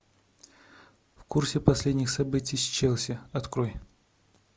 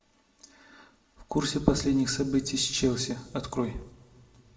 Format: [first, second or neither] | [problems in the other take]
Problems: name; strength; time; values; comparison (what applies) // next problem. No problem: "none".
first | room echo; dies away in 1.1 s